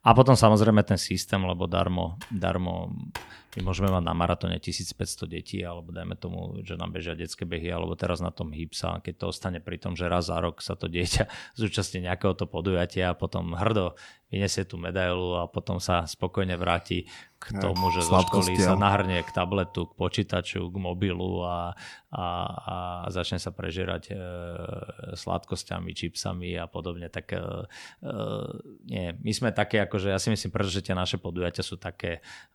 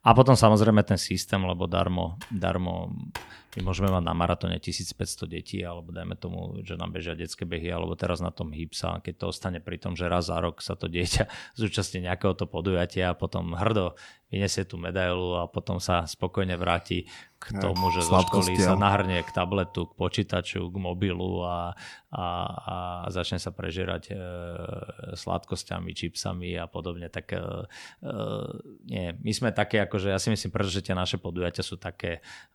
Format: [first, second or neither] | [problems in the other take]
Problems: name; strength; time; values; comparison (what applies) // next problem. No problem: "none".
neither | keyboard typing; faint; from 2 to 4 s; peak 10 dB below the speech; the same in both // doorbell; loud; from 18 to 19 s; peak level with the speech; the same in both